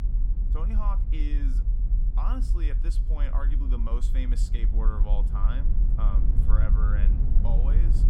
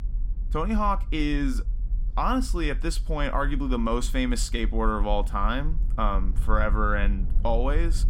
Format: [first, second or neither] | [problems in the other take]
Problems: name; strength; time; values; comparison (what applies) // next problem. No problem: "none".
second | low rumble; loud; throughout; 5 dB below the speech; faint in the second